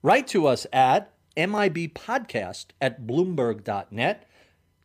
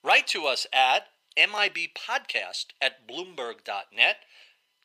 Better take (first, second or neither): first